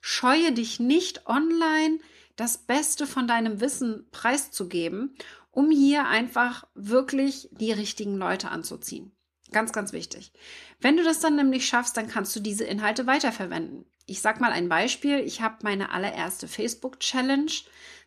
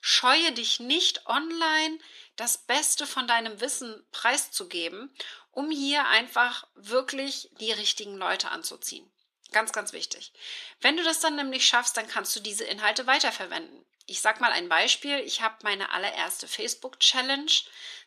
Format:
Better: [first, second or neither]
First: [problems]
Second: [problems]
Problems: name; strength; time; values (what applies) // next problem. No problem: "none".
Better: first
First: none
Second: thin; somewhat; fading below 550 Hz